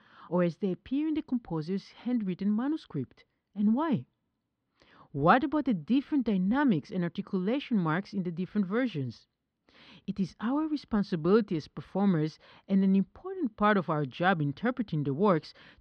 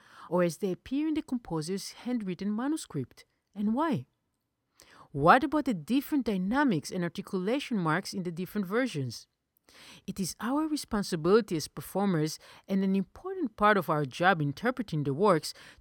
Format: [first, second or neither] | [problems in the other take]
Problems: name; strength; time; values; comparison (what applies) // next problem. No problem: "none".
second | muffled; slightly; fading above 4 kHz